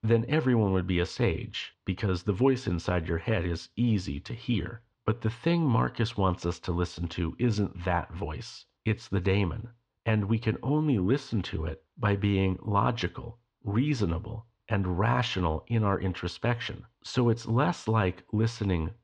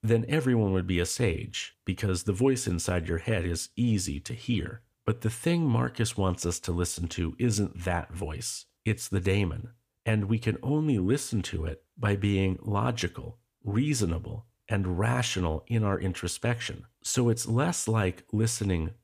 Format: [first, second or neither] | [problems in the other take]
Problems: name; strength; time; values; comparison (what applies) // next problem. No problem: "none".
second | muffled; slightly; fading above 4.5 kHz